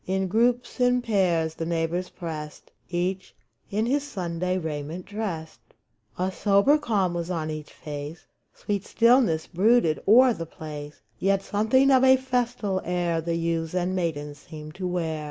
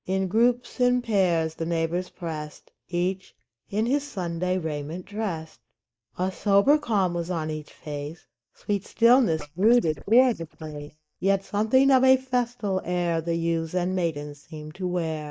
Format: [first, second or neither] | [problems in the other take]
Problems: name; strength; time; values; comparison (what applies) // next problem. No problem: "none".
first | noise reduction (neural mask model DeepFilterNet 3)